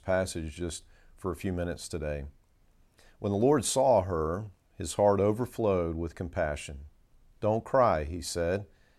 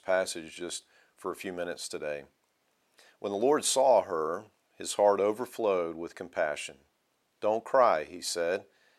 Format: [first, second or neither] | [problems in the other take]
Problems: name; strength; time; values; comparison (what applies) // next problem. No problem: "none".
first | thin; somewhat; fading below 350 Hz